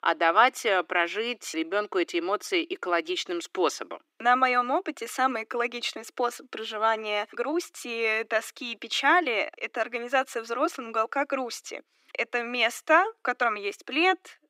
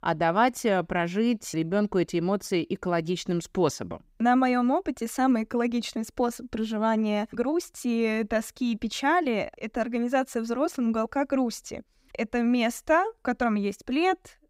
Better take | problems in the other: second | thin; very; fading below 300 Hz

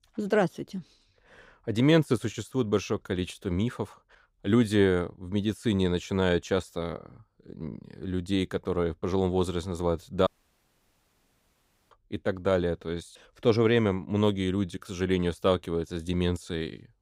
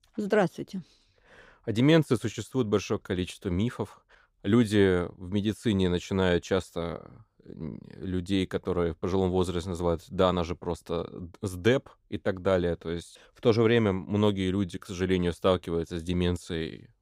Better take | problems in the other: second | audio cutting out; at 10 s for 1.5 s

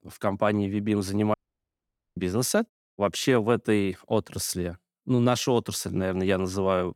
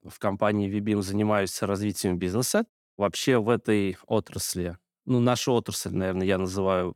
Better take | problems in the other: second | audio cutting out; at 1.5 s for 1 s

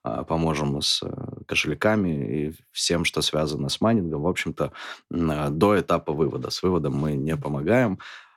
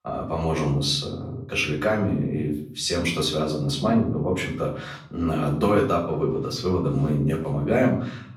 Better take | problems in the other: first | off-mic speech; far // room echo; slight; dies away in 0.5 s

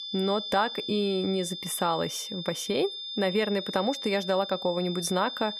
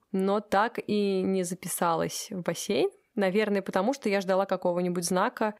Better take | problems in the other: second | high-pitched whine; loud; throughout; 3.5 kHz, 6 dB below the speech

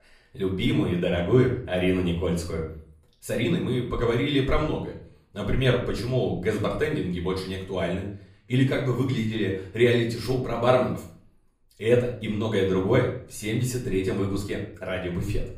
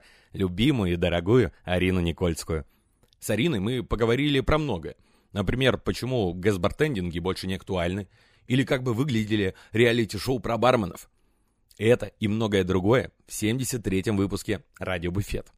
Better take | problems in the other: second | off-mic speech; far // room echo; slight; dies away in 0.5 s

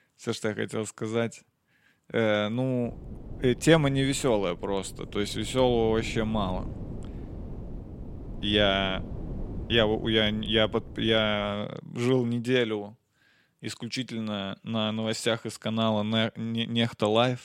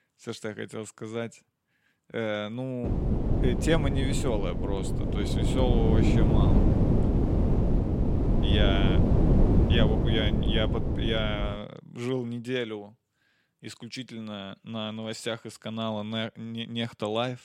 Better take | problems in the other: first | wind noise on the microphone; heavy; from 3 to 12 s; as loud as the speech; occasional gusts in the first

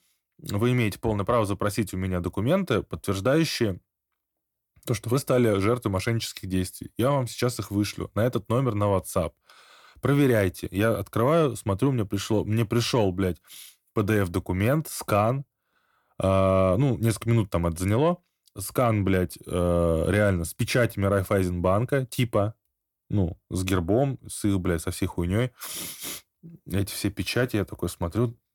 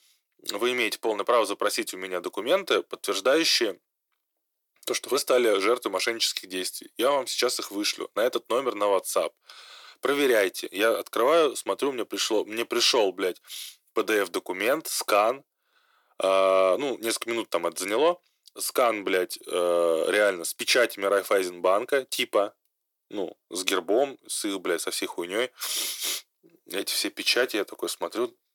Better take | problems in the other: first | thin; very; fading below 400 Hz

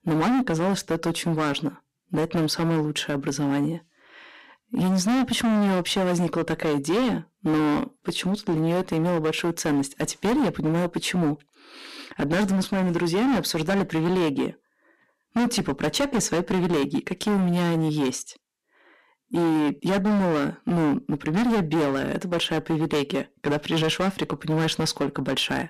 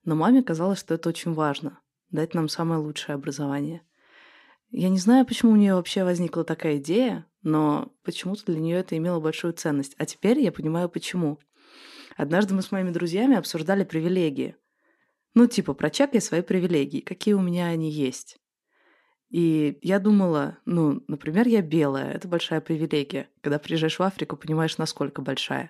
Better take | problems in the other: second | distortion; heavy; 21% of the sound clipped

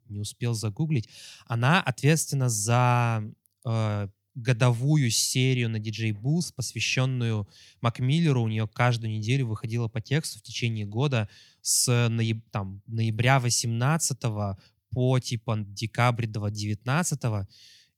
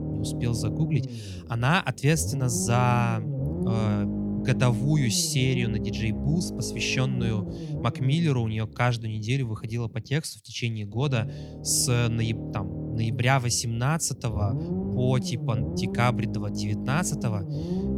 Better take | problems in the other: first | low rumble; loud; throughout; 8 dB below the speech

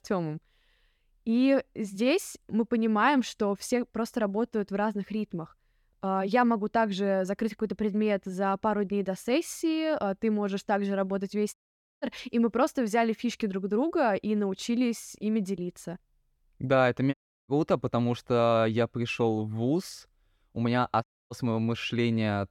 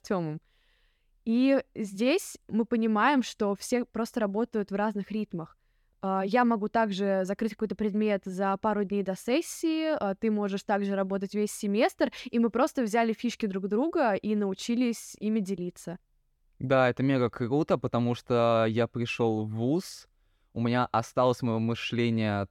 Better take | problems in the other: second | audio cutting out; at 12 s, at 17 s and at 21 s

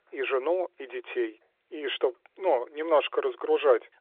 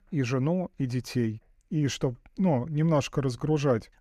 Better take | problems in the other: second | phone-call audio; nothing above 3.5 kHz

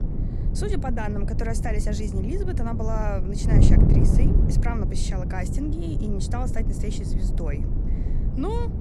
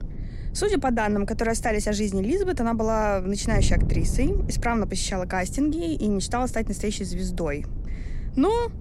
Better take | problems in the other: second | wind noise on the microphone; heavy; 2 dB below the speech; occasional gusts in the second

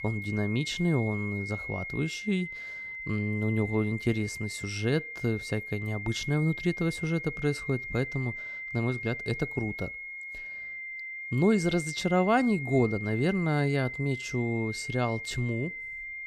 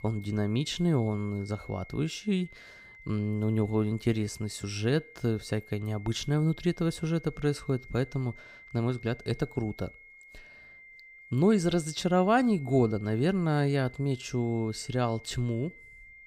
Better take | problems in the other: second | high-pitched whine; loud; throughout; 2 kHz, 7 dB below the speech; faint in the second

